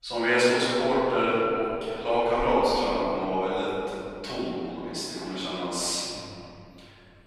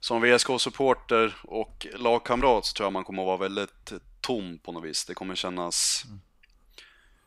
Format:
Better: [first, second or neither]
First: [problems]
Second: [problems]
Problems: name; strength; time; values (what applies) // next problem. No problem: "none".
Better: second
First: off-mic speech; far // room echo; strong; dies away in 2.9 s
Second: none